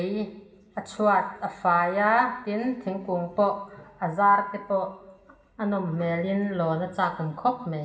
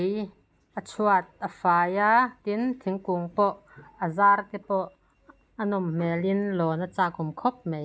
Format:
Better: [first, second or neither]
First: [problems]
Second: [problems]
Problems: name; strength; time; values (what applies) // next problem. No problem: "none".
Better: second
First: room echo; dies away in 0.8 s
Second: none